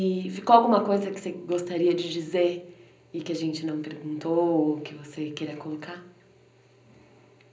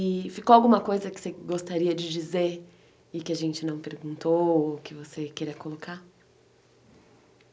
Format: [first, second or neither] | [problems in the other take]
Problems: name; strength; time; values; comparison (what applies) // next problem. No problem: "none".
second | room echo; dies away in 0.5 s